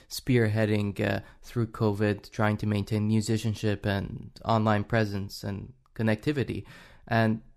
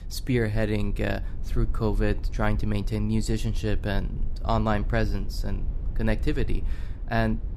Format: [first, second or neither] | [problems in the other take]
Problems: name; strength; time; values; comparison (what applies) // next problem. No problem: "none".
first | low rumble; faint; throughout; 20 dB below the speech